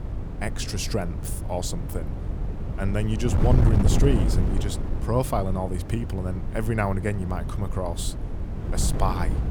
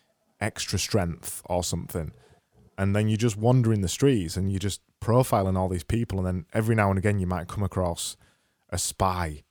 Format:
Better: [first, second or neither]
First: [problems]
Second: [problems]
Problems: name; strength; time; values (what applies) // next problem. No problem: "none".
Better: second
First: wind noise on the microphone; heavy; 7 dB below the speech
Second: none